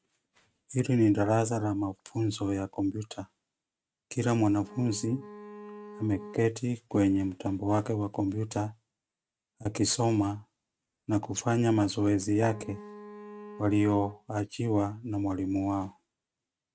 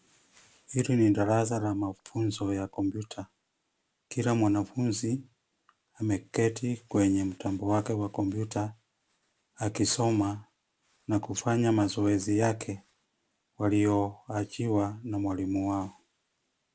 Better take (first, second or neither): second